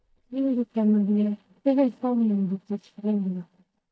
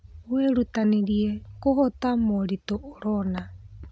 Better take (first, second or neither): second